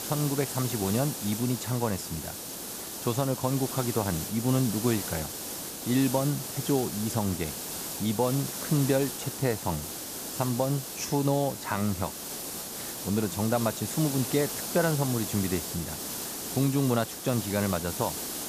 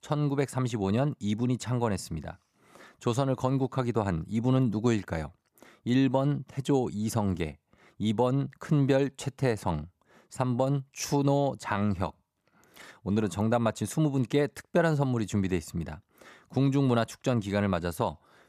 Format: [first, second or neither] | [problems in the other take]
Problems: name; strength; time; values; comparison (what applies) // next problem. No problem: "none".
second | hiss; loud; throughout; 5 dB below the speech